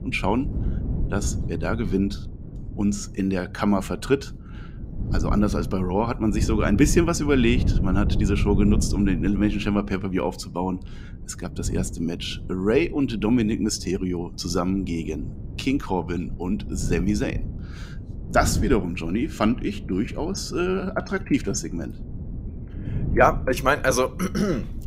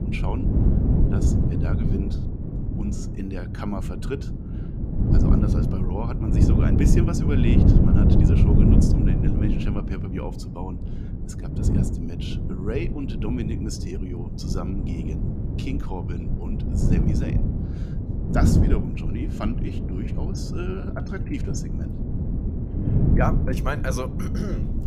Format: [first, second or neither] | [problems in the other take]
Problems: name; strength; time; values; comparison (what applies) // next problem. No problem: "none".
first | wind noise on the microphone; heavy; 1 dB above the speech; occasional gusts in the first